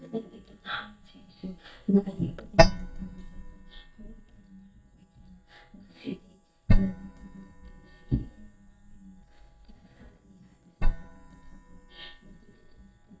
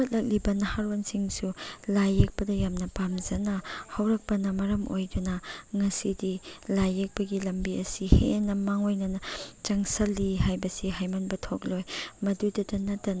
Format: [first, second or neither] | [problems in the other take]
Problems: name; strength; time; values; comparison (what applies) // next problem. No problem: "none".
second | noise reduction (neural mask model DeepFilterNet 3)